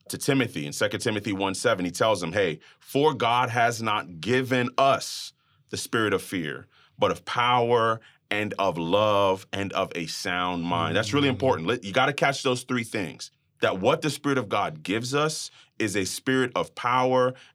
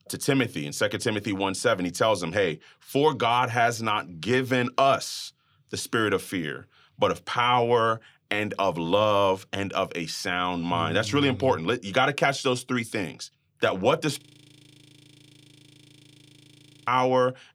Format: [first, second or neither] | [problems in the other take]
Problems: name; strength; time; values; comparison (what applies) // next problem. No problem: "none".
first | audio freezing; at 14 s for 2.5 s